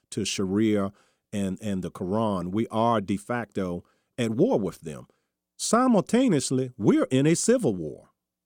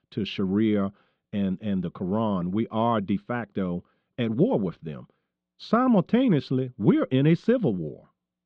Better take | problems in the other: first | muffled; very; fading above 4 kHz

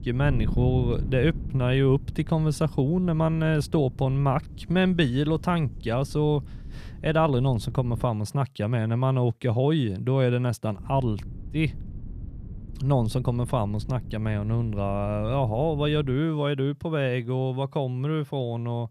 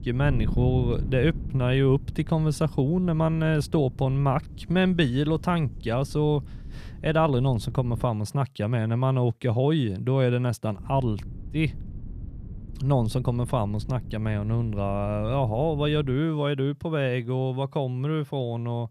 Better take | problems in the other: neither | wind noise on the microphone; occasional gusts; until 8 s and from 11 to 16 s; 20 dB below the speech; the same in both

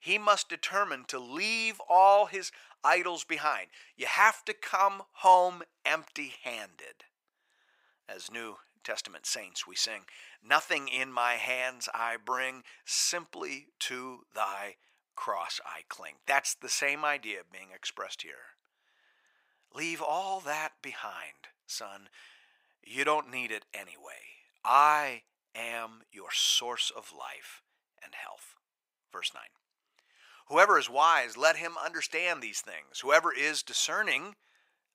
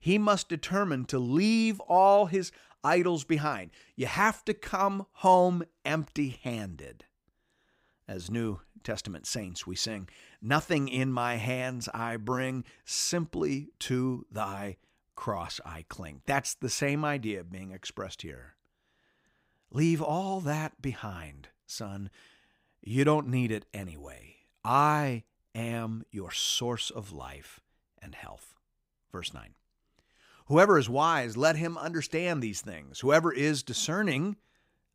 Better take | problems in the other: second | thin; very; fading below 800 Hz

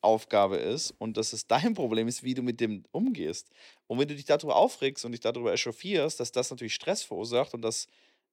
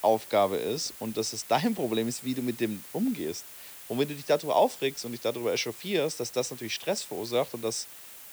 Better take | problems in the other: first | hiss; noticeable; throughout; 15 dB below the speech

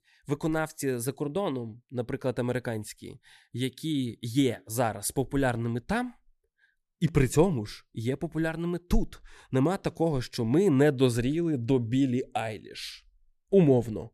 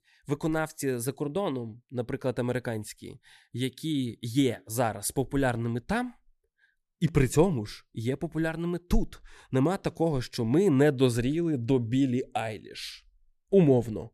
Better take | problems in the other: neither | none

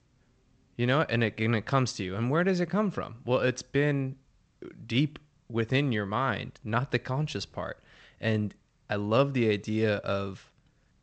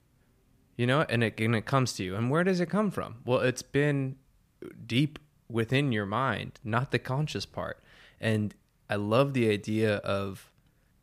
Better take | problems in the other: second | garbled, watery; slightly; nothing above 8 kHz

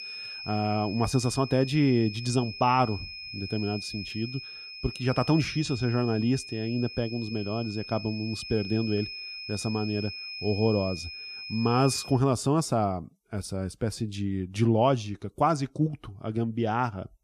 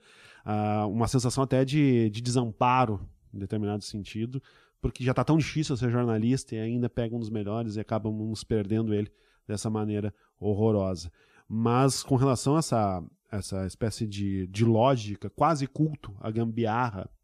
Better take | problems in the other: second | high-pitched whine; loud; until 12 s; 5 kHz, 9 dB below the speech

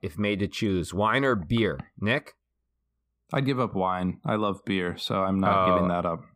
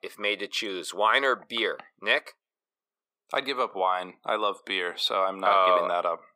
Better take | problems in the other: first | thin; very; fading below 450 Hz

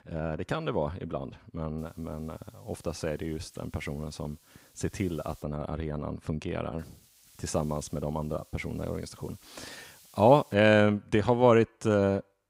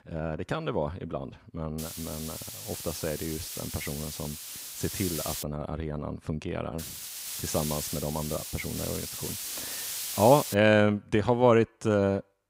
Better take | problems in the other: first | hiss; loud; from 2 to 5.5 s and from 7 to 11 s; 7 dB below the speech; faint in the first

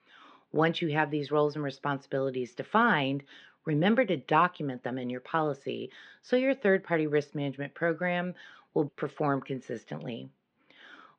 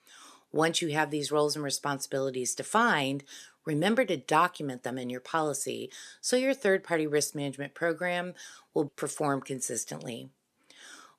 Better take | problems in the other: second | muffled; very; fading above 3 kHz

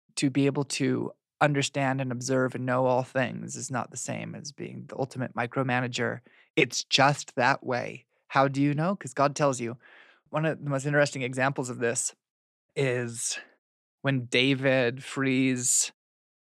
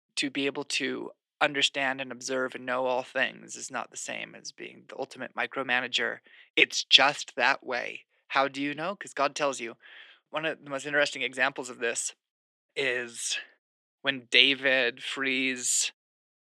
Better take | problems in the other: first | thin; somewhat; fading below 350 Hz

